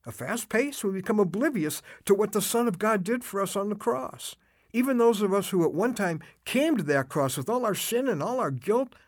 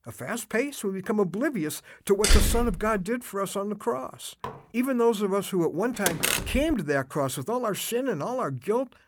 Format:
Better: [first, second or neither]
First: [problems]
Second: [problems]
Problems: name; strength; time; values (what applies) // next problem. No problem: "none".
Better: first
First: none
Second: door banging; loud; at 2 s and at 6 s; peak 5 dB above the speech // clattering dishes; faint; at 4.5 s; peak 10 dB below the speech